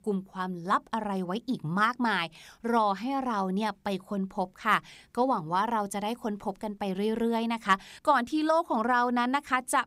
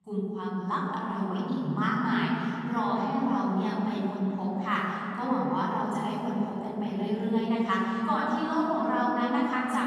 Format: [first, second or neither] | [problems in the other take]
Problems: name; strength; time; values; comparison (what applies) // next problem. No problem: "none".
first | room echo; strong; dies away in 3 s // off-mic speech; far